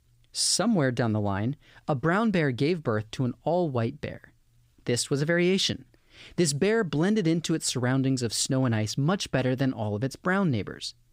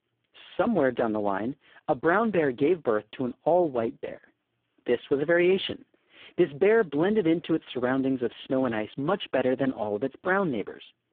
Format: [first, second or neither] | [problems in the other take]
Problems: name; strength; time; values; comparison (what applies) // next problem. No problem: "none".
first | phone-call audio; poor line